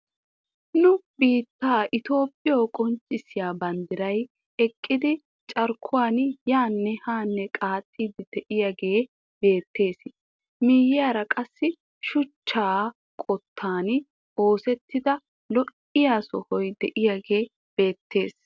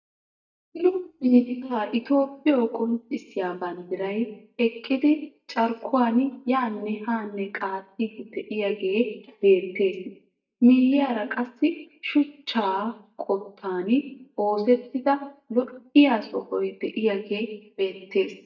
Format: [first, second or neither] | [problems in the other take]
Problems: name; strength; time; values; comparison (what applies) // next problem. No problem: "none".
first | noise reduction (neural mask model DeepFilterNet 3)